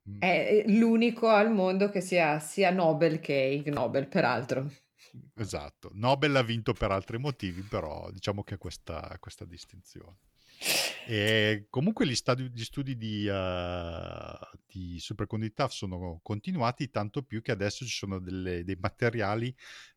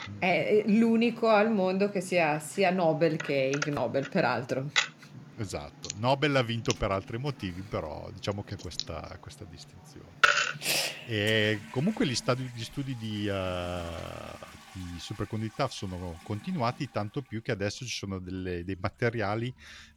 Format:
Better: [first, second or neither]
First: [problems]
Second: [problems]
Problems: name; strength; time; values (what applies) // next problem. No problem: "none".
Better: first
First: none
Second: household noises; loud; throughout; 4 dB below the speech